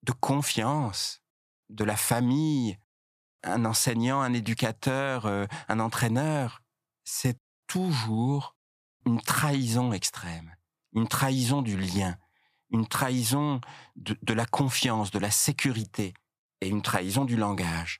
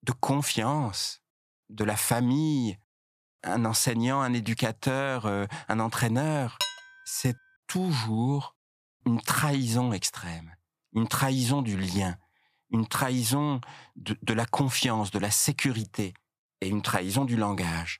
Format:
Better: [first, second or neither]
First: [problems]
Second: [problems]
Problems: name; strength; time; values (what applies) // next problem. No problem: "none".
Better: first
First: none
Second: clattering dishes; noticeable; at 6.5 s; peak 3 dB below the speech